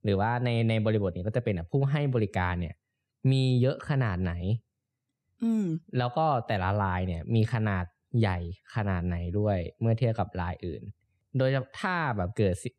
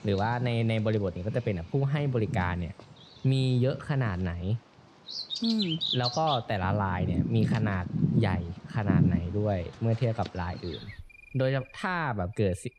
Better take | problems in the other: first | animal sounds; loud; throughout; 3 dB below the speech

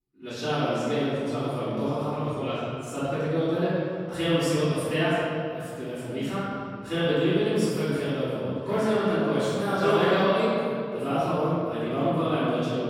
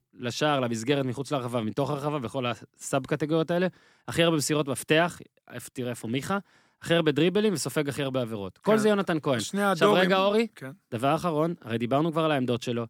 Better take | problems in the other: second | room echo; strong; dies away in 2.3 s // off-mic speech; far

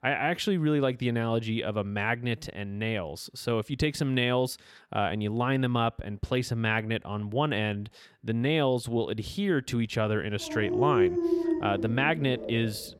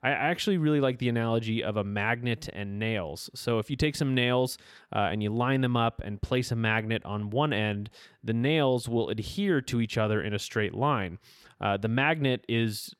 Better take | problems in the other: second | dog barking; loud; from 10 s on; peak 4 dB above the speech

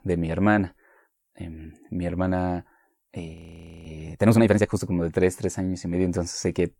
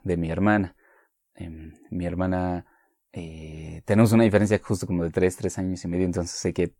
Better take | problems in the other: second | audio freezing; at 3.5 s for 0.5 s

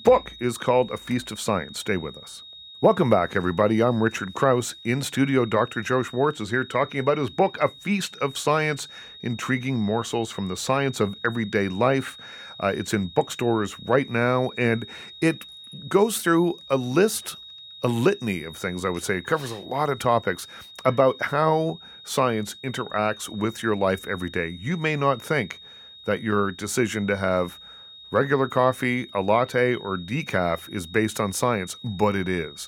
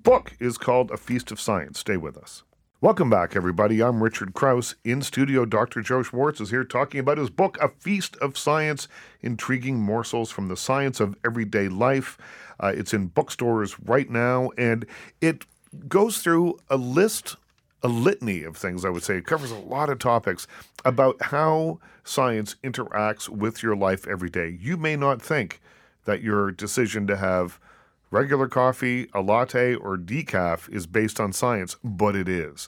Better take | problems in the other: second | high-pitched whine; noticeable; throughout; 3.5 kHz, 15 dB below the speech

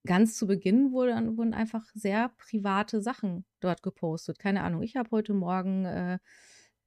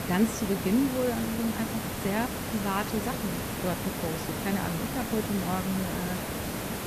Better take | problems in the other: first | hiss; loud; throughout; 2 dB below the speech

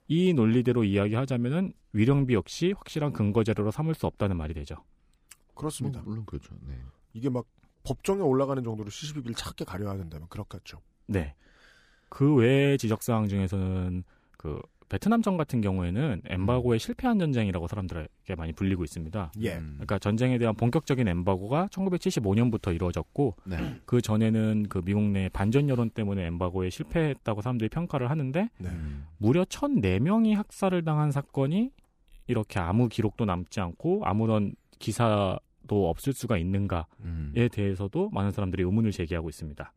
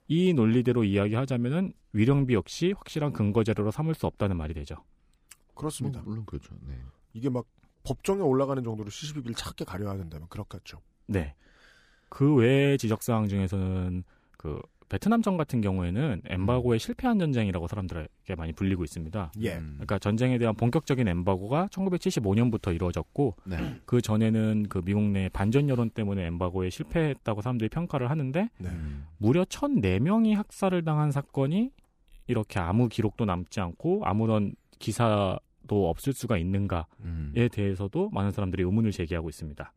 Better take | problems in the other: neither | none

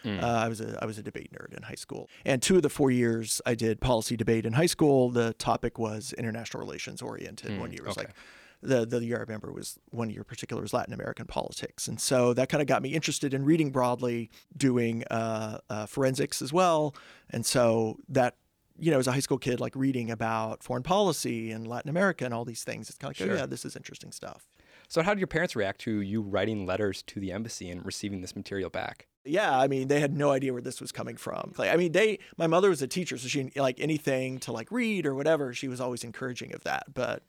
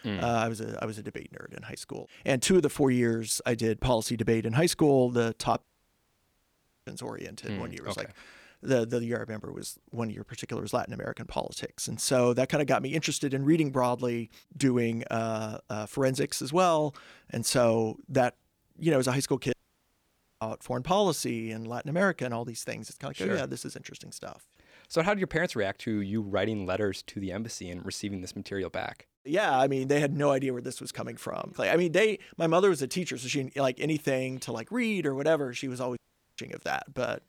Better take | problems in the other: first | audio cutting out; at 5.5 s for 1 s, at 20 s for 1 s and at 36 s

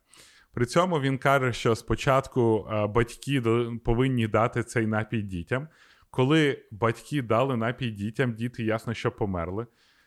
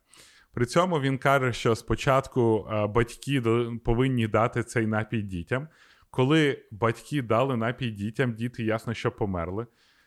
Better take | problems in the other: neither | none

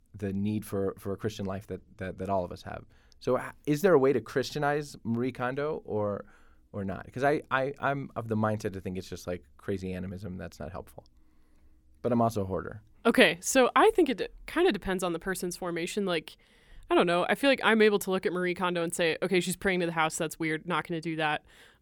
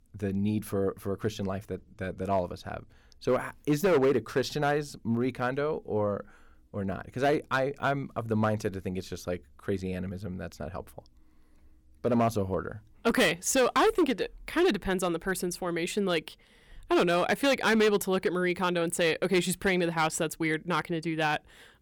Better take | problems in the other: first | distortion; slight; 4% of the sound clipped

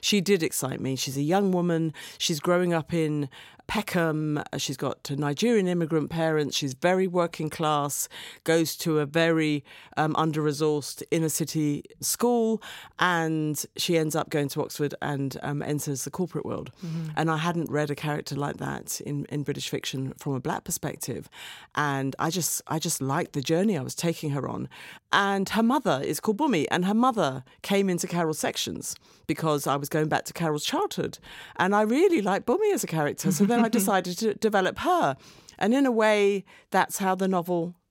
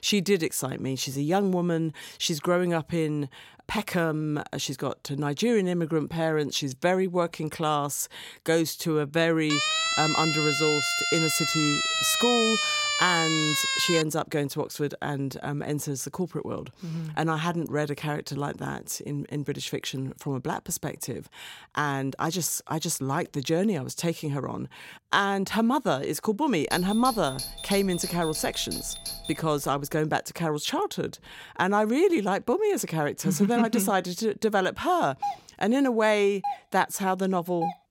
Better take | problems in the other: first | siren; loud; from 9.5 to 14 s; peak 4 dB above the speech // doorbell; noticeable; from 27 to 30 s and from 35 s on; peak 6 dB below the speech

